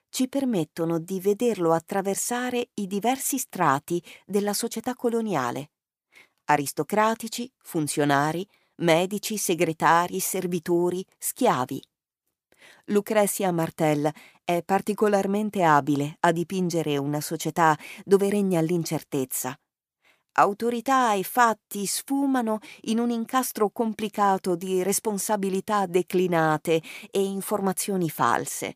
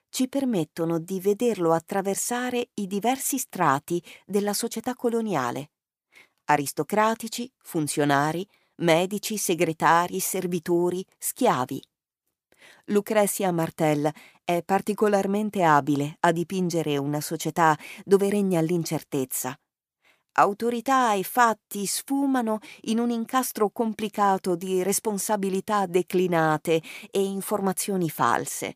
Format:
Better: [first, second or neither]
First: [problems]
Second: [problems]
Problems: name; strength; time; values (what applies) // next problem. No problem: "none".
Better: neither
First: none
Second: none